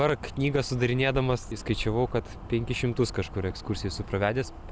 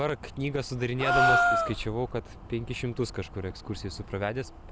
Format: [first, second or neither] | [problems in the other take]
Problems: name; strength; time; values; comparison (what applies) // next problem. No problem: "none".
first | background sound (Gasp); 4 dB above the speech